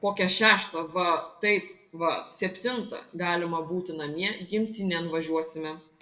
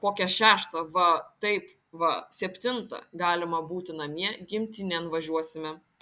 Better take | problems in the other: second | room echo; dies away in 0.5 s

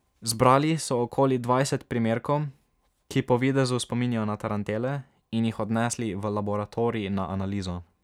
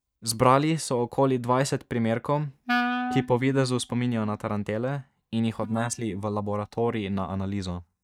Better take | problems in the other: first | noise reduction (neural mask model DeepFilterNet 3)

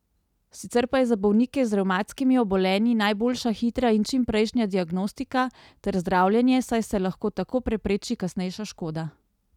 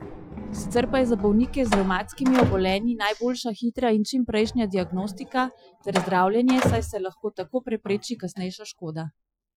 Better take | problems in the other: first | noise reduction (classical method Wiener filter)

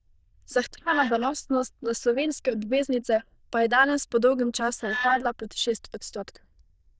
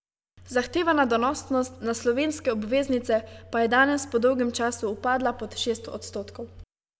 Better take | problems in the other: second | noise reduction (neural diffusion model UNIVERSE++)

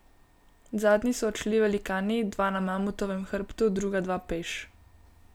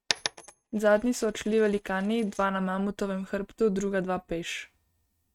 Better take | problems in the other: first | noise reduction (neural mask model RNNoise)

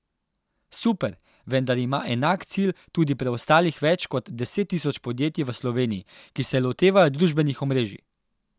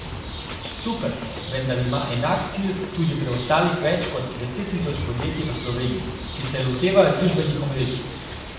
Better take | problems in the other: first | background sound (Bird); 9 dB below the speech // room echo; dies away in 0.9 s

